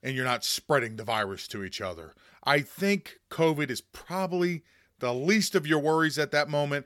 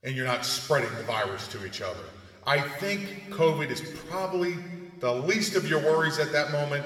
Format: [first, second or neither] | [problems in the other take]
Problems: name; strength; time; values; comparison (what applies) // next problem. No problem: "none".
first | room echo; slight; dies away in 1.8 s